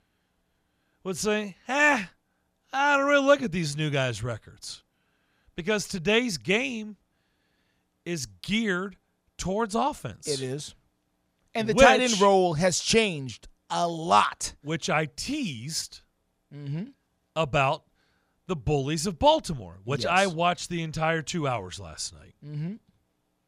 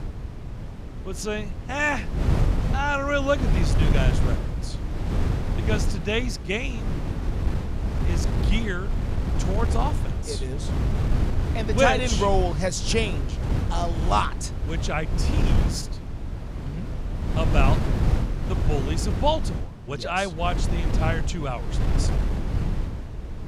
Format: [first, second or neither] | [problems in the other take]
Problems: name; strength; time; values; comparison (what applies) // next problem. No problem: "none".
first | wind noise on the microphone; heavy; 9 dB below the speech